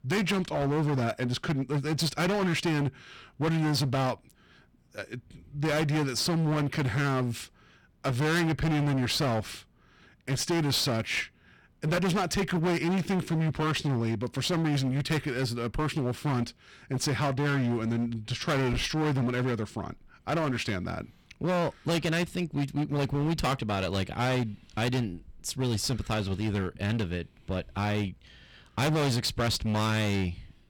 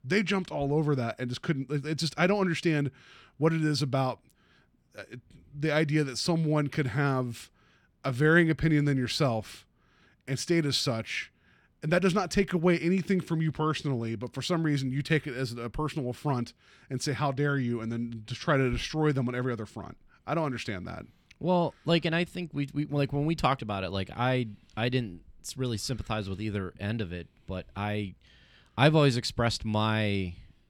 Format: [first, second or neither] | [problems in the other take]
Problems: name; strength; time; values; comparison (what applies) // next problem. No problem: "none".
second | distortion; heavy; 23% of the sound clipped